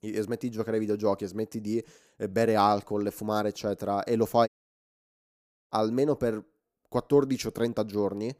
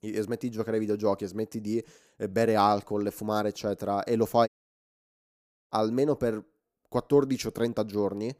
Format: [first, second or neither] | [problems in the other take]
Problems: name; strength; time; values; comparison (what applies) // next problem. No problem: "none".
neither | audio cutting out; at 4.5 s for 1 s; the same in both